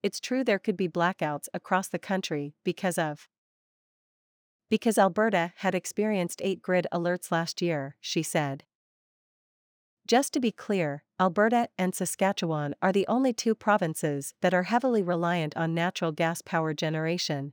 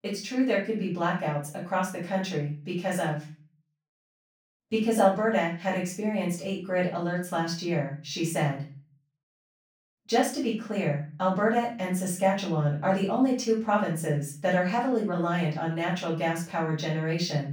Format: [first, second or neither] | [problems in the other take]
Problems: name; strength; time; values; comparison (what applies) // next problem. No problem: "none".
first | room echo; slight; dies away in 0.4 s // off-mic speech; far